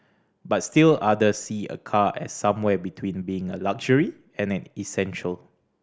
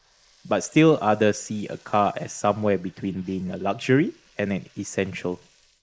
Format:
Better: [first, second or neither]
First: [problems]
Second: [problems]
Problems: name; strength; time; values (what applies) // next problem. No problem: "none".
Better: first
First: none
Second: noise reduction (neural mask model Resemble Enhance denoiser)